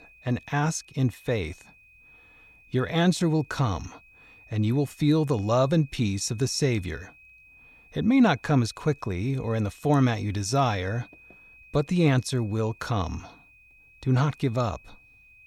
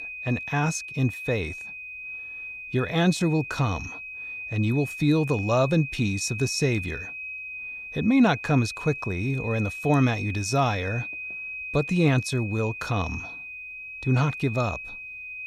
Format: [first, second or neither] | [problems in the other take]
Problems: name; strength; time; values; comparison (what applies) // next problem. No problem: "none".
first | high-pitched whine; loud; throughout; 2.5 kHz, 9 dB below the speech; faint in the first